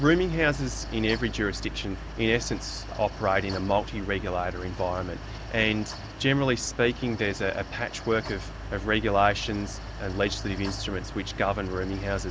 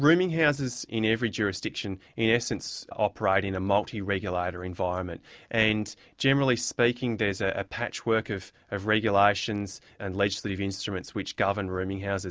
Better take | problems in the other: second | background sound (Mechanical fan); 9 dB below the speech

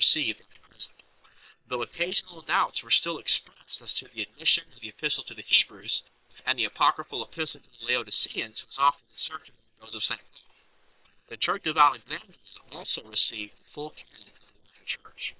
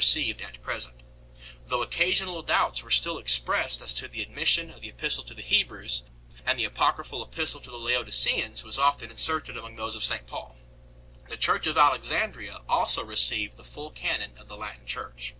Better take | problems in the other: second | noise reduction (neural separator model SepFormer WHAM!)

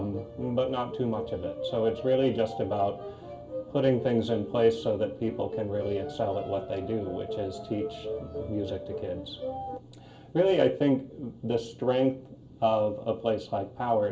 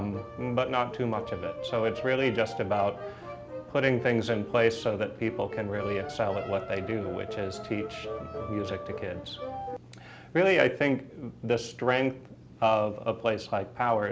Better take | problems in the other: second | room echo; dies away in 0.2 s

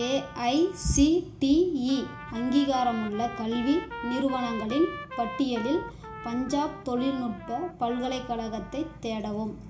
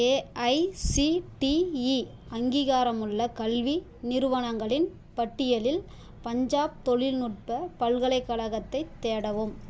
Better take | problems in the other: second | background sound (Trumpet); 14 dB below the speech // room echo; dies away in 0.4 s

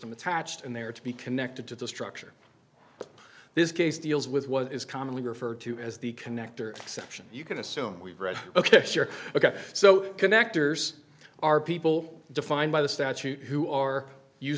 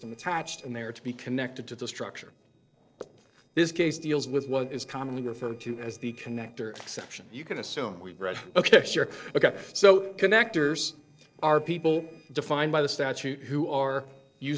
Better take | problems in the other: first | noise reduction (neural separator model SepFormer DNS4)

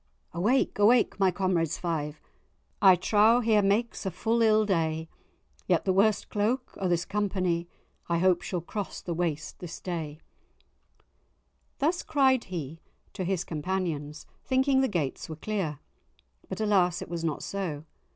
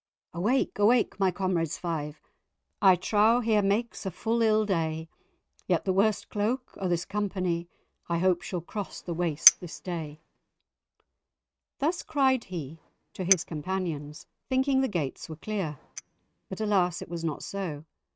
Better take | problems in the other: first | noise reduction (neural mask model RNNoise)

